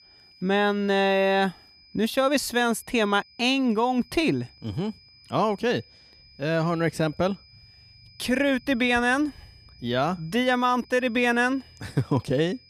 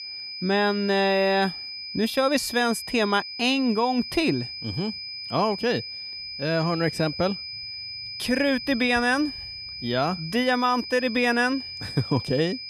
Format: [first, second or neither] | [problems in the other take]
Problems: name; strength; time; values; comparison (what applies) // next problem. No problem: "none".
first | high-pitched whine; loud; throughout; 5 kHz, 9 dB below the speech; faint in the first